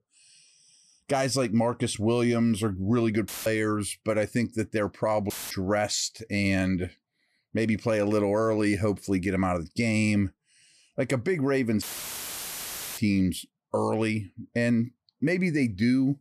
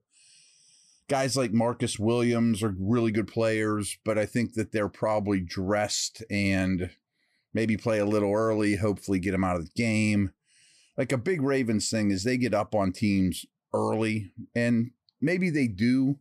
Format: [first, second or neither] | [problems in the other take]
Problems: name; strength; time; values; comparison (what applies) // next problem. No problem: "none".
second | audio cutting out; filled with static; at 3.5 s, at 5.5 s and at 12 s for 1 s